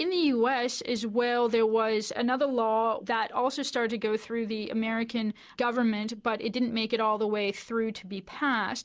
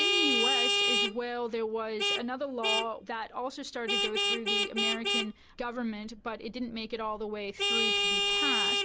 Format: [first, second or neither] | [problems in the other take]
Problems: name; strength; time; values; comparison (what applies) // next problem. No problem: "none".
first | background sound (Vehicle horn, car horn, honking); 5 dB above the speech